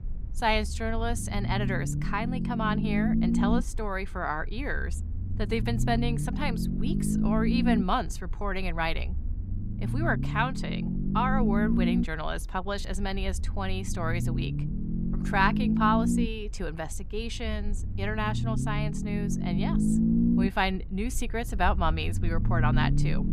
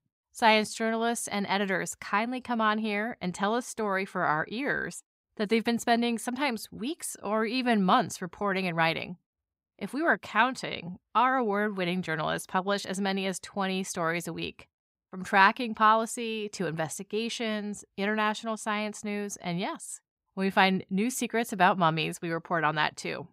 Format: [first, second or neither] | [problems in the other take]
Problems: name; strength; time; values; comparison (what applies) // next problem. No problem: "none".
second | low rumble; loud; throughout; 5 dB below the speech